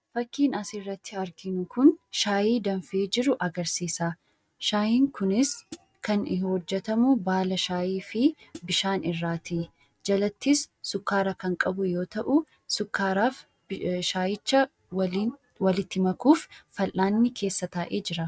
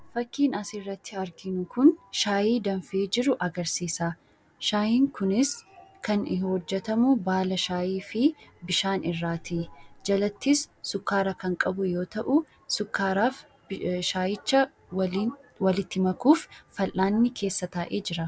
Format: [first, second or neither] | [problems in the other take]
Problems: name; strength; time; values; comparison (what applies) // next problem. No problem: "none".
second | noise reduction (neural mask model RNNoise)